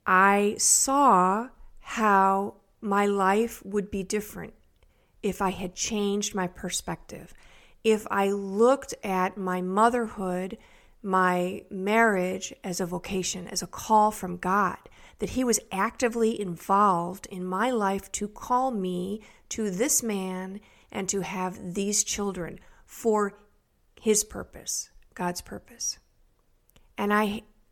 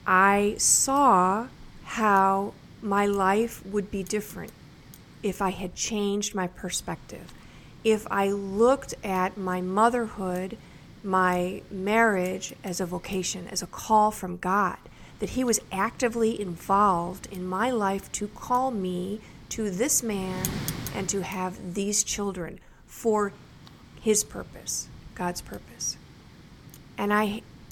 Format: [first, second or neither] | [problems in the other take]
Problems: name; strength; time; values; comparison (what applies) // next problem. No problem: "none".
first | wind noise on the microphone; occasional gusts; 25 dB below the speech